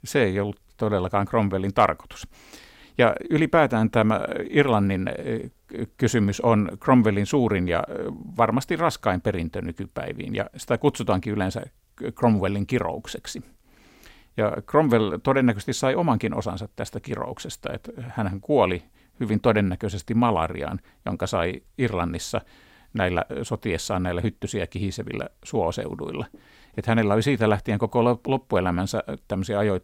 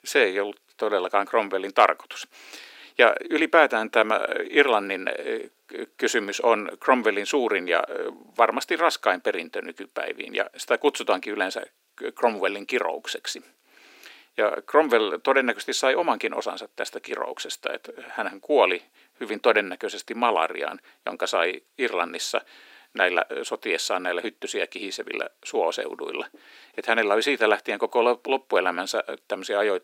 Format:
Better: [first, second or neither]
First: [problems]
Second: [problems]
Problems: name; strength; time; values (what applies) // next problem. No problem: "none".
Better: first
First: none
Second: thin; somewhat; fading below 300 Hz